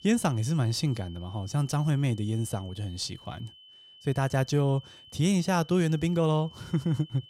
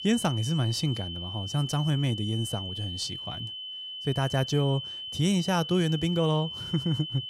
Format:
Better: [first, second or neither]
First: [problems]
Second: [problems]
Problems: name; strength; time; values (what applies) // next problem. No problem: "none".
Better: first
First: high-pitched whine; faint; throughout; 3 kHz, 20 dB below the speech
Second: high-pitched whine; loud; throughout; 3 kHz, 7 dB below the speech